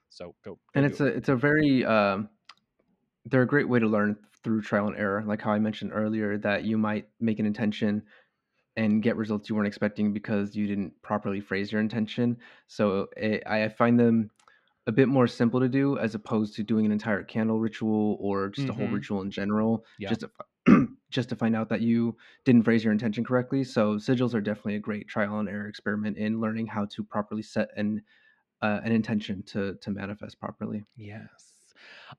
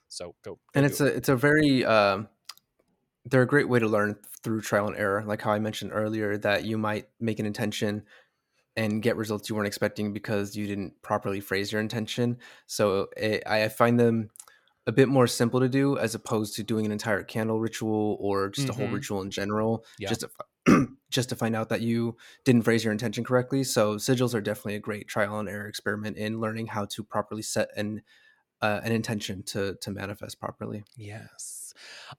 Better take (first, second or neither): second